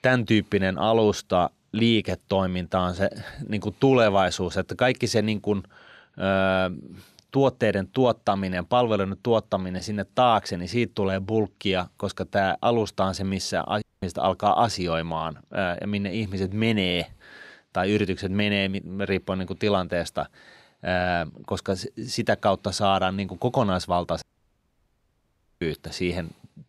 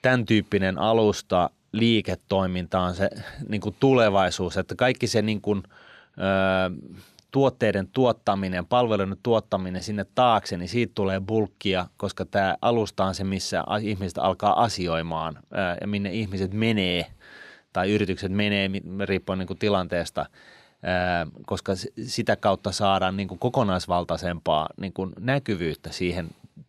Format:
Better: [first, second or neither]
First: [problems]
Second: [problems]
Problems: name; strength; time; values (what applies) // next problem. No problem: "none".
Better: second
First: audio cutting out; at 14 s and at 24 s for 1.5 s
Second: none